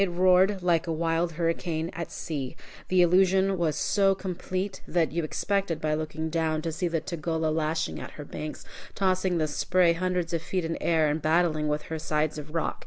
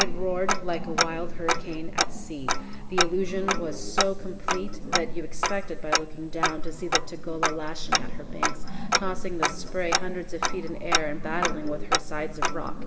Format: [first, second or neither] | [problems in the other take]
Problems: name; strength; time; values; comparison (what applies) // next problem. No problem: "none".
first | background sound (Tick-tock); 4 dB above the speech // room echo; dies away in 2.1 s